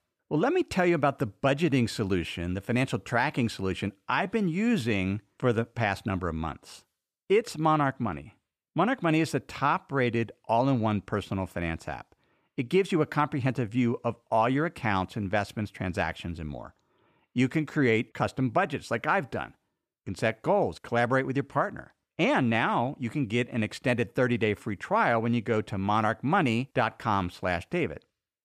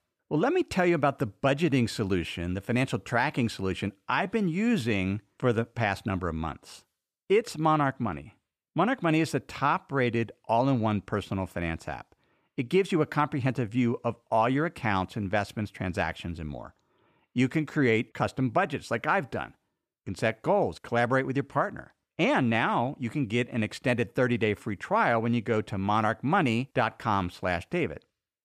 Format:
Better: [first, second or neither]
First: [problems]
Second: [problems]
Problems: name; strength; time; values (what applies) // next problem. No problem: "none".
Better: neither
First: none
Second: none